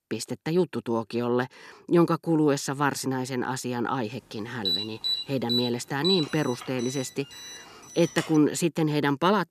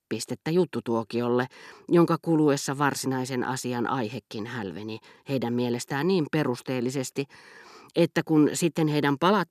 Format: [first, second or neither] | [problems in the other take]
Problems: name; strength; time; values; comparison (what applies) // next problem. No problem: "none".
second | alarm; loud; from 4.5 to 8.5 s; peak level with the speech